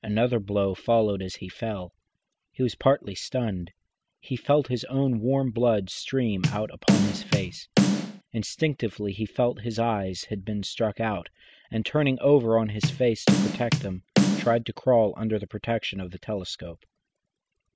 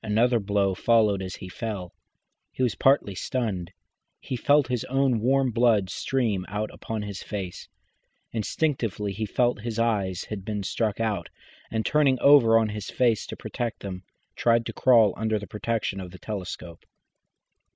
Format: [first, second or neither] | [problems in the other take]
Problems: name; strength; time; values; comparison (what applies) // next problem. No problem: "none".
second | background sound (Bass drum / Snare drum); 2 dB above the speech